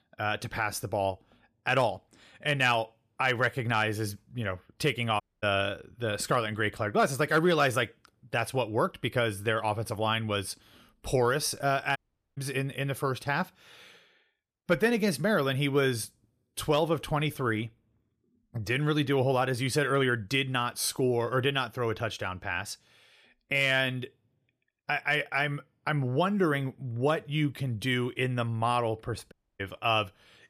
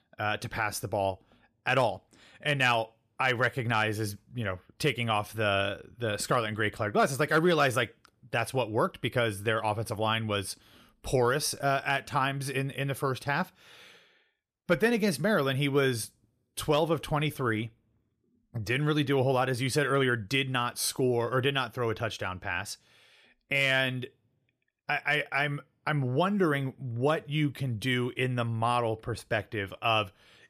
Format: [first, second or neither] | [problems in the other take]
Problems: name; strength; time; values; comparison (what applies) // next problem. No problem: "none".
second | audio cutting out; at 5 s, at 12 s and at 29 s